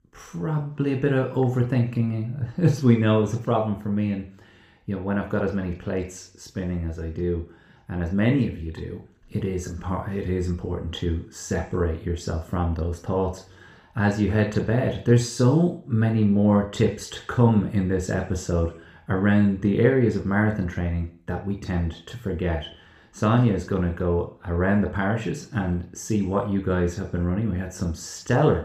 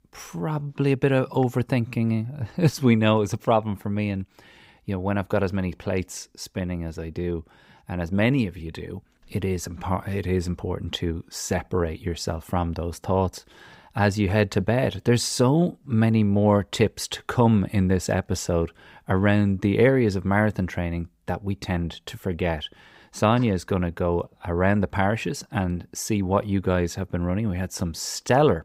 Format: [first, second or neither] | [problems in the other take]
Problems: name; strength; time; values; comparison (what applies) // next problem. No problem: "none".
second | room echo; slight; dies away in 0.5 s // off-mic speech; somewhat distant